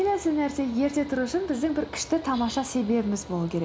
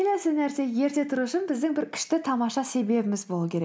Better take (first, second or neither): second